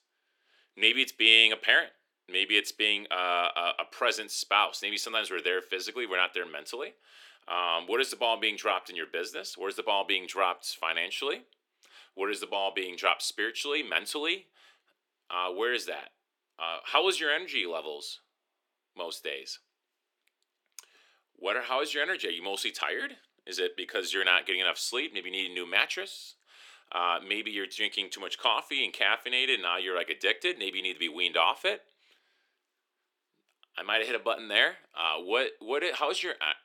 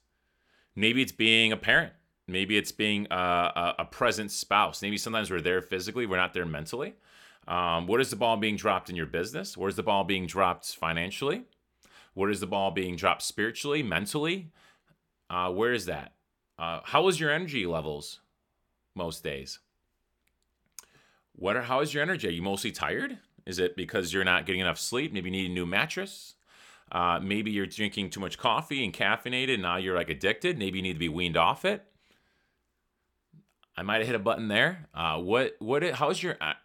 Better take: second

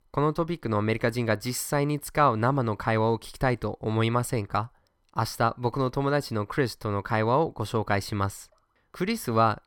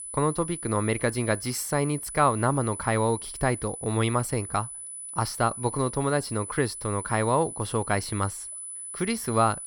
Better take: first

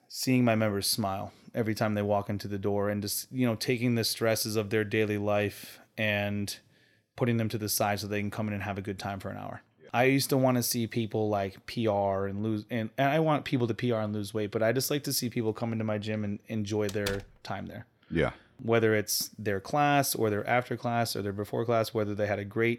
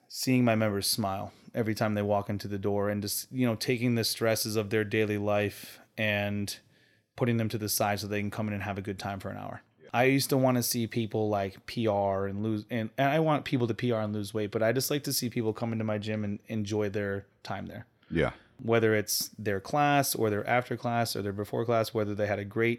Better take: second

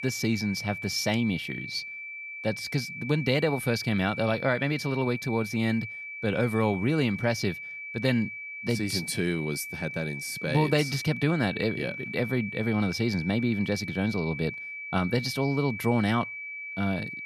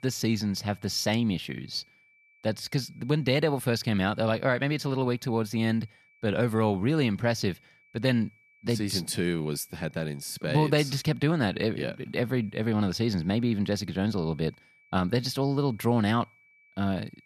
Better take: second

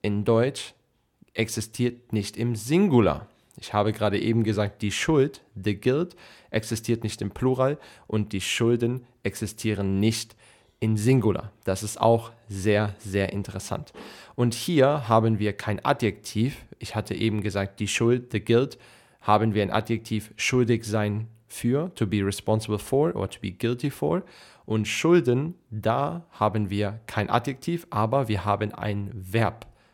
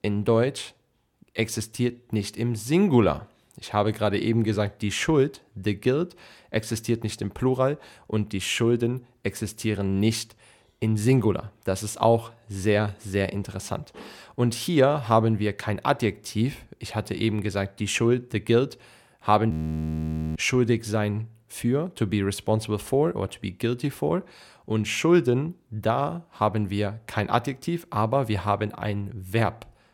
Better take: first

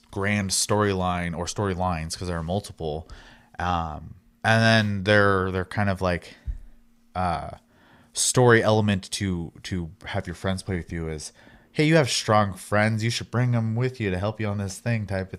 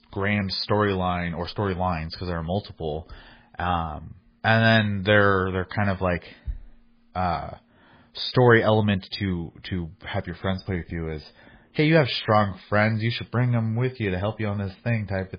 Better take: first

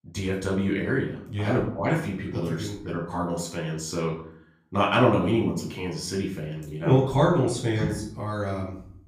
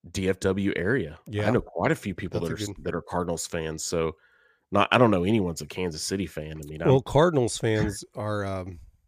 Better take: second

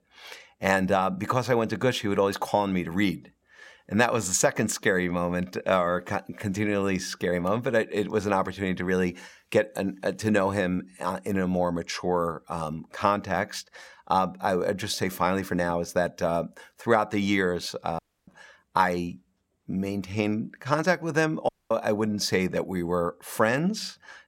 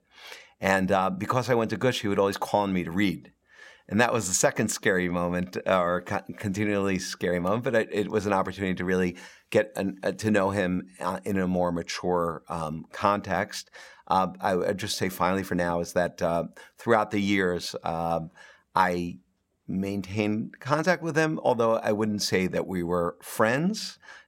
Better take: second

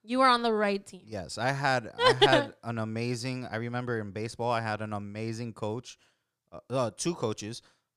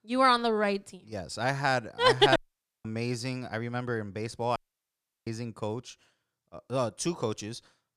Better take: first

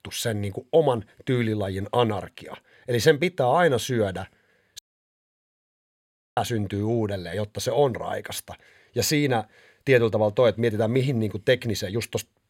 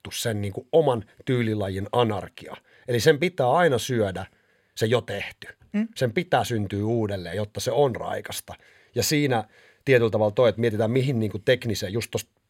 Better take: second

